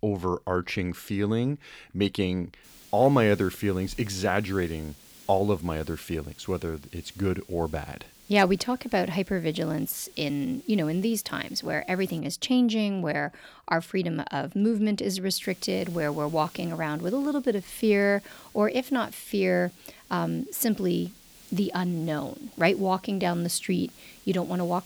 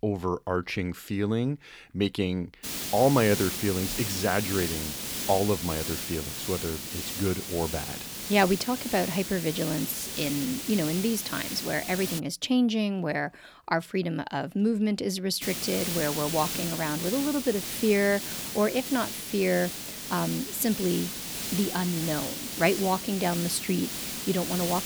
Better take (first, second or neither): first